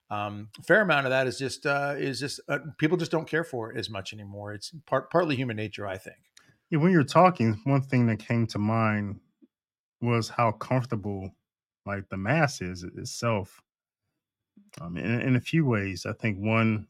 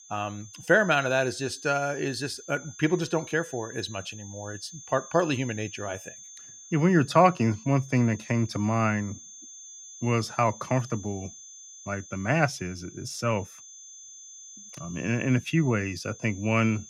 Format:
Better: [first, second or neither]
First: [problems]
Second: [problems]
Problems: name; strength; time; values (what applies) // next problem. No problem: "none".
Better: first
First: none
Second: high-pitched whine; noticeable; throughout; 6.5 kHz, 15 dB below the speech